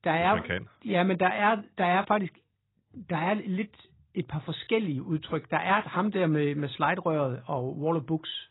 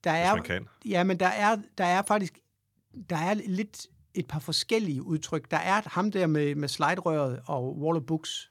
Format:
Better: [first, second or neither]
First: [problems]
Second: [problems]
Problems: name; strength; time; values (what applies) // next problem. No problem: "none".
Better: second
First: garbled, watery; badly; nothing above 4 kHz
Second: none